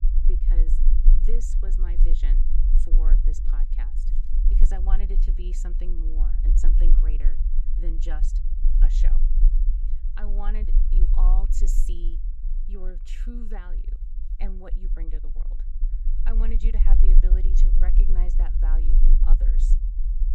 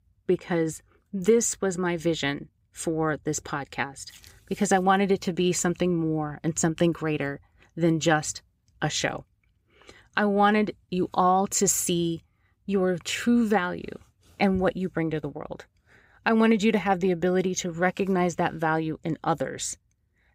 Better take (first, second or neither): second